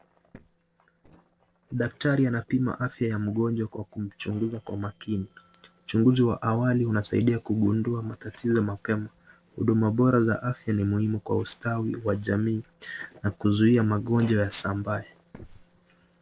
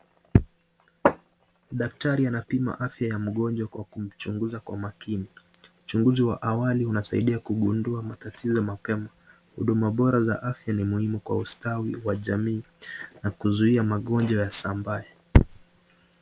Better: second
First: noise reduction (neural separator model SepFormer DNS4)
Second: none

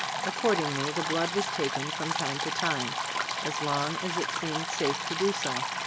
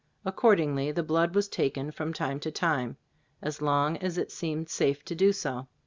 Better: second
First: background sound (Stream); 1 dB above the speech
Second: none

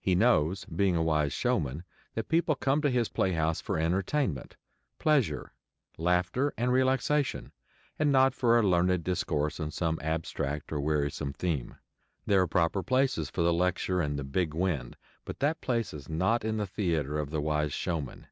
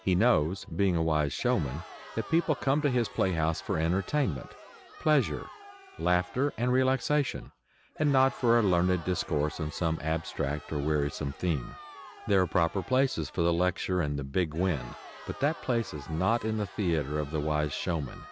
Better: first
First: none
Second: background sound (Crowd); 19 dB below the speech

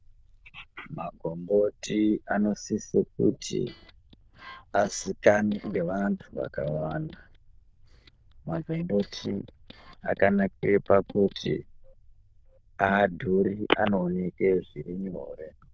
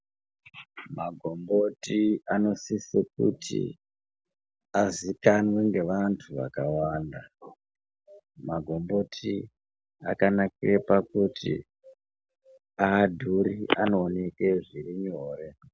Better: second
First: noise reduction (neural diffusion model UNIVERSE++)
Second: none

